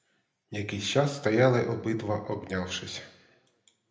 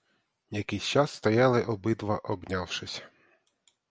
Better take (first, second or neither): second